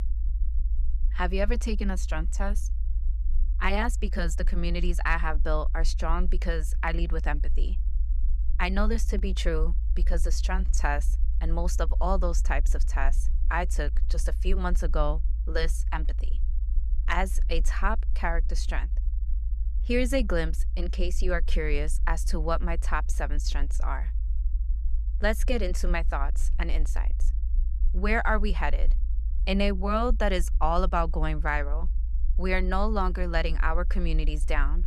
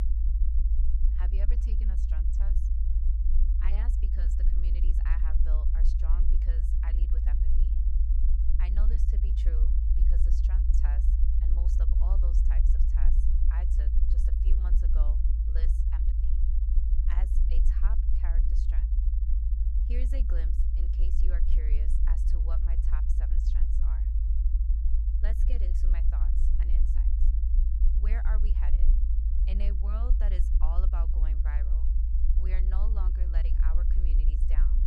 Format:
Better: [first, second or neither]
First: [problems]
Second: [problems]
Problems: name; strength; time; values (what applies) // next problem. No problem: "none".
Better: first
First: low rumble; faint; throughout; 20 dB below the speech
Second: low rumble; loud; throughout; 1 dB below the speech